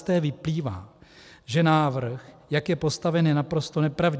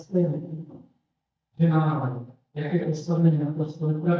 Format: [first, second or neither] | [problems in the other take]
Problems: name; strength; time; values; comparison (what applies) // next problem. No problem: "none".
first | noise reduction (neural mask model DeepFilterNet 3)